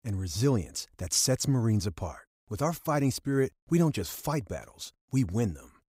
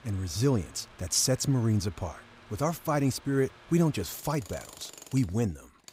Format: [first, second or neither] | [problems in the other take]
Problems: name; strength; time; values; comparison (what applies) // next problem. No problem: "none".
first | machinery noise; faint; throughout; 20 dB below the speech